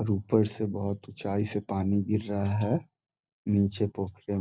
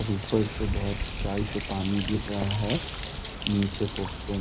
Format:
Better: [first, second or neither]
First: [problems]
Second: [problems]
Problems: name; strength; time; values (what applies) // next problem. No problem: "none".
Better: first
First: none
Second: background sound (Bird); 4 dB below the speech